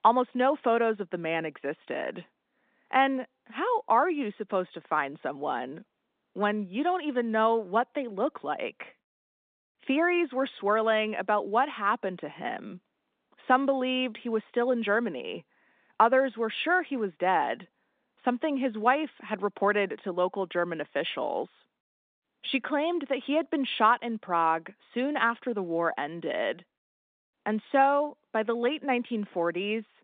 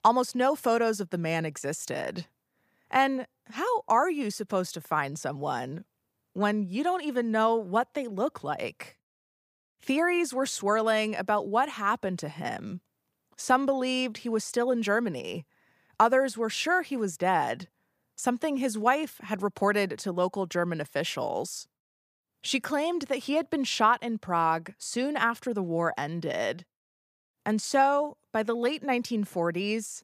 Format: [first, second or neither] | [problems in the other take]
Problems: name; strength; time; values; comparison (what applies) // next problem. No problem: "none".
second | phone-call audio